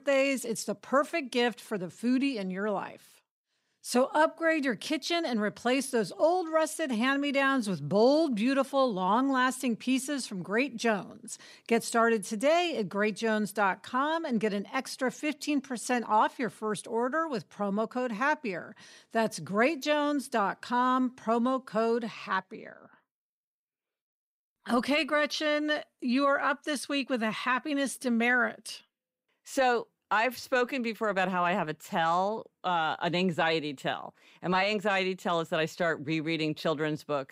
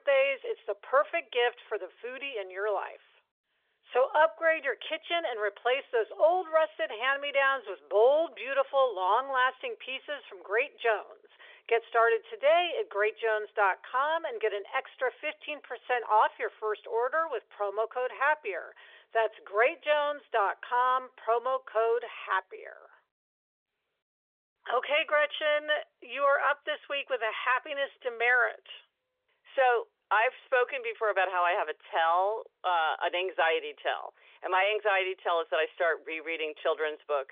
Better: first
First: none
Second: phone-call audio; nothing above 3.5 kHz

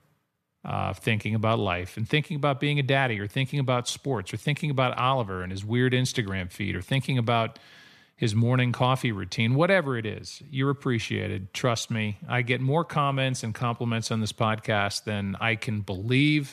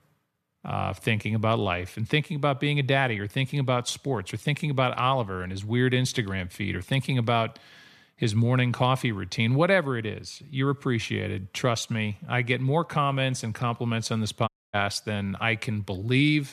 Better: first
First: none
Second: audio cutting out; at 14 s

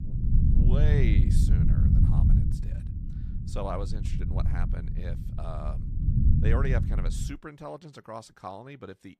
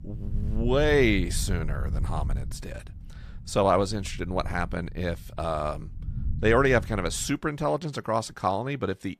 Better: second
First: low rumble; loud; until 7.5 s; 2 dB below the speech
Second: low rumble; faint; until 7.5 s; 25 dB below the speech

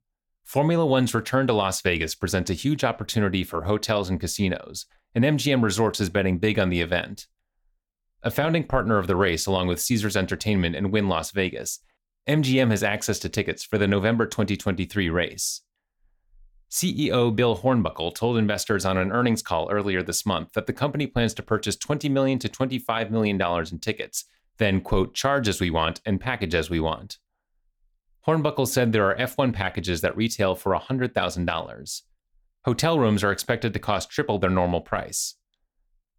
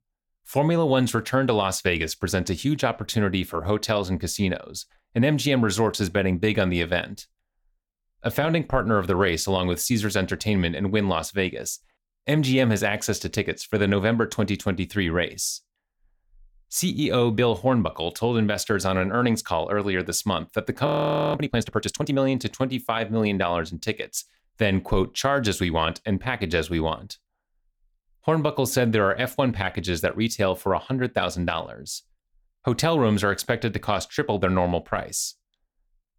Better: first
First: none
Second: audio freezing; at 21 s

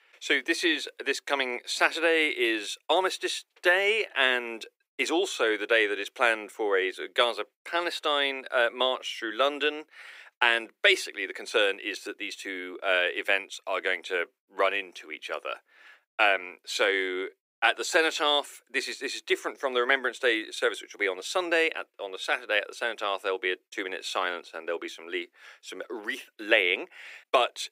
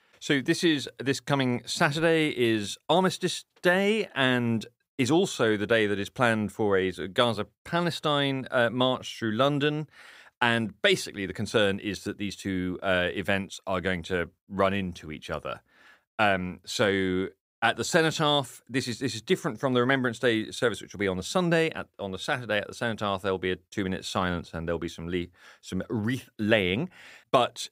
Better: second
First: thin; very; fading below 350 Hz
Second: none

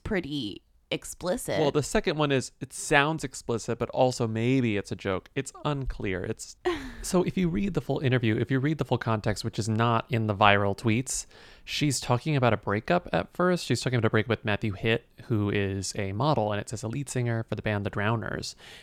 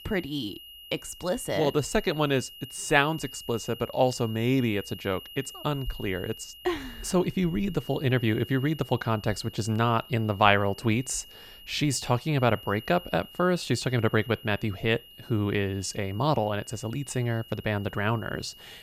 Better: first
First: none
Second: high-pitched whine; noticeable; throughout; 3 kHz, 15 dB below the speech

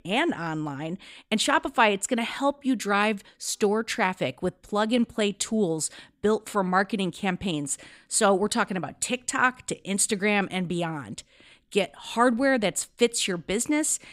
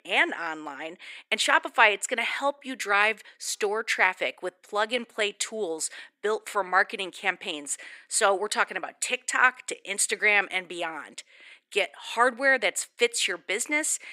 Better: first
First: none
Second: thin; very; fading below 400 Hz

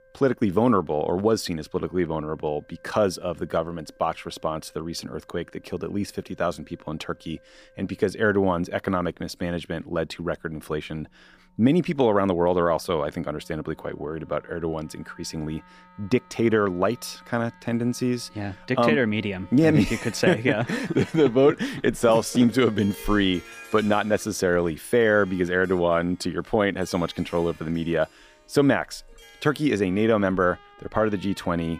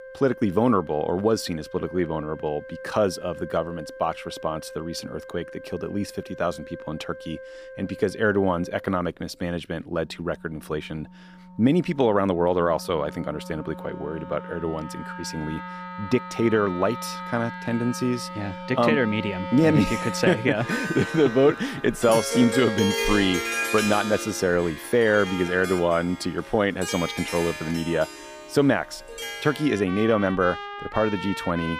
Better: first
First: background music; faint; throughout; 25 dB below the speech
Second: background music; loud; throughout; 9 dB below the speech

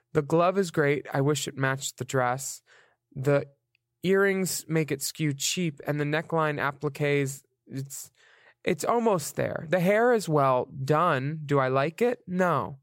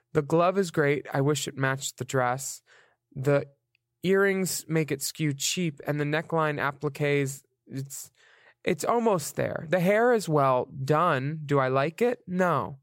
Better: neither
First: none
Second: none

